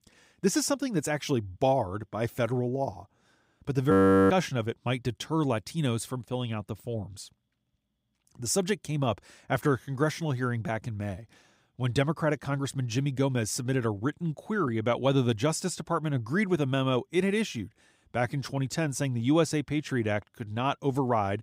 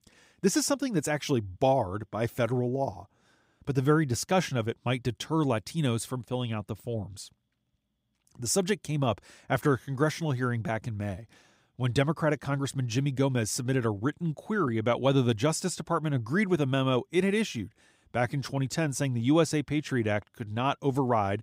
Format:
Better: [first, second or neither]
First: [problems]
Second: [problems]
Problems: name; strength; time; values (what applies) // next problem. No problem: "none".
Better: second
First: audio freezing; at 4 s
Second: none